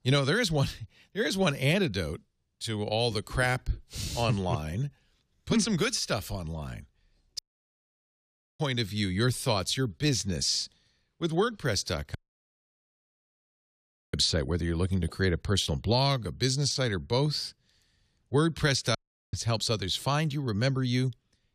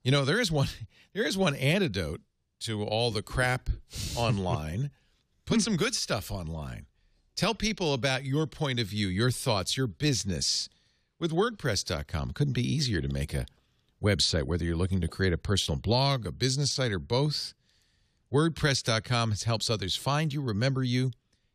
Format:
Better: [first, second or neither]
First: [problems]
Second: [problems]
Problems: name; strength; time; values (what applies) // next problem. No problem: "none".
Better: second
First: audio cutting out; at 7.5 s for 1 s, at 12 s for 2 s and at 19 s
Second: none